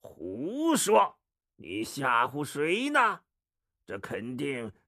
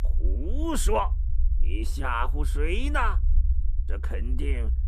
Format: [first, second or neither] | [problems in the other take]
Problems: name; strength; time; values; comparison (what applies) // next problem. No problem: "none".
first | low rumble; faint; throughout; 20 dB below the speech